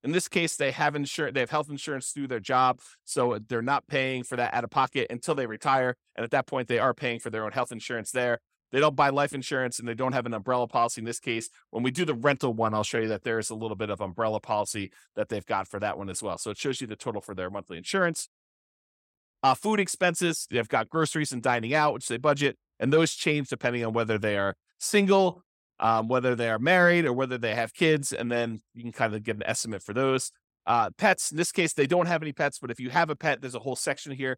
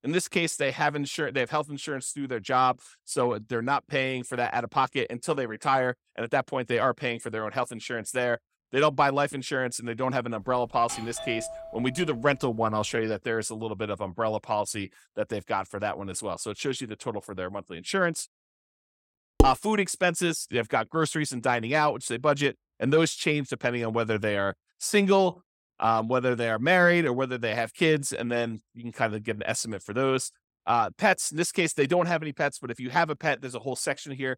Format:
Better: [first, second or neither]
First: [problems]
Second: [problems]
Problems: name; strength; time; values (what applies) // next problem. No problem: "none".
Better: first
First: none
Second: doorbell; noticeable; from 10 to 13 s; peak 10 dB below the speech // clattering dishes; loud; at 19 s; peak 2 dB above the speech